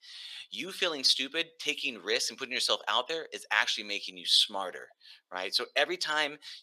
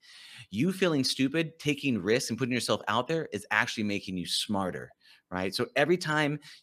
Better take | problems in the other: second | thin; very; fading below 600 Hz

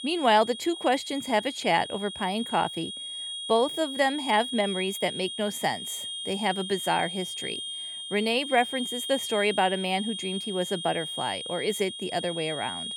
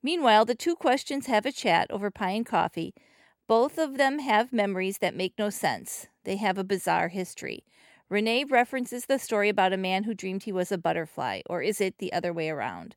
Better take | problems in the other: second | high-pitched whine; loud; throughout; 3.5 kHz, 6 dB below the speech

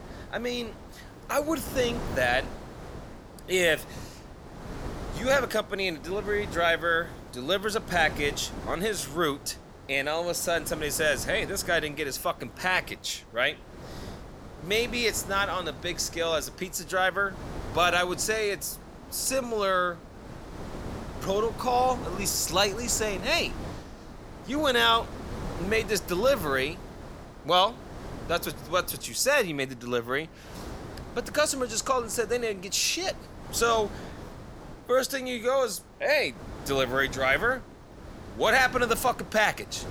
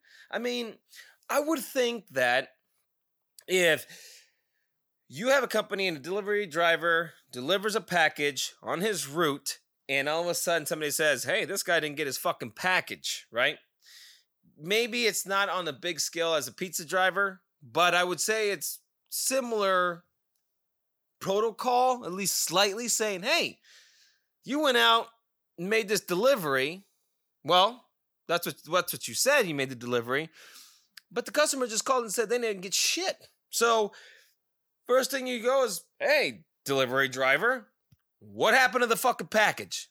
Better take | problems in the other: second | wind noise on the microphone; occasional gusts; 15 dB below the speech

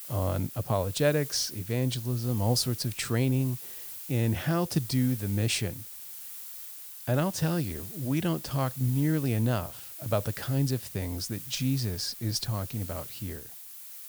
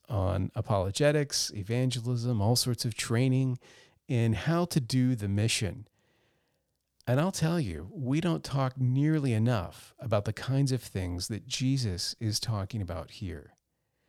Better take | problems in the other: second | hiss; loud; throughout; 9 dB below the speech

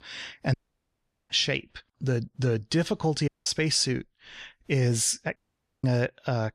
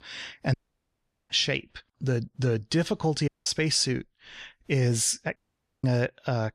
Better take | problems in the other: neither | audio cutting out; at 0.5 s for 1 s, at 3.5 s and at 5.5 s; the same in both

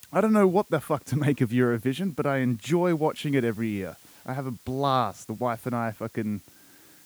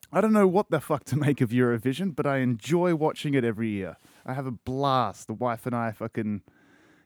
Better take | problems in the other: second | hiss; faint; throughout; 25 dB below the speech

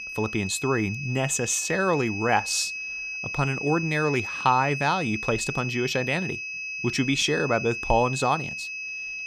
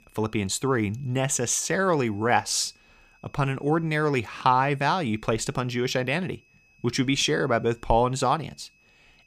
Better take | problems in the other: second | high-pitched whine; loud; throughout; 2.5 kHz, 6 dB below the speech; faint in the second

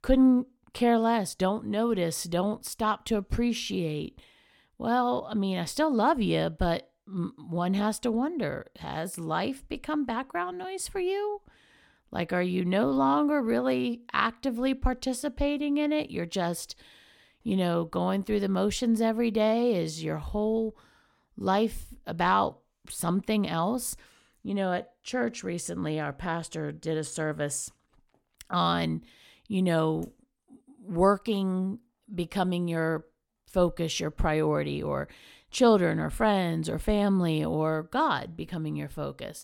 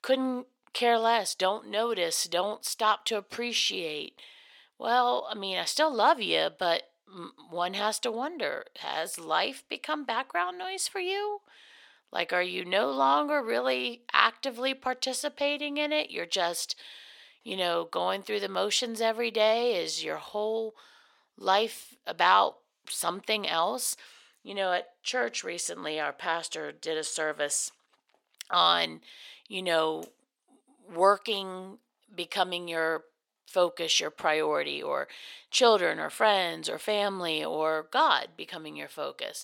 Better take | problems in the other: first | thin; very; fading below 550 Hz

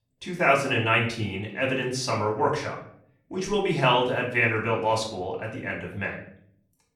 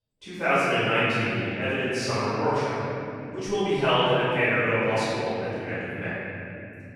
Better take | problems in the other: first | room echo; strong; dies away in 3 s; slight in the first // off-mic speech; far; far in the first

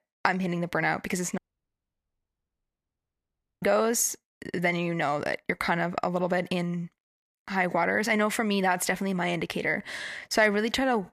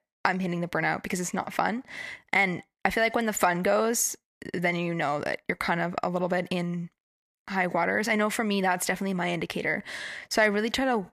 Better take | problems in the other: second | audio cutting out; at 1.5 s for 2 s

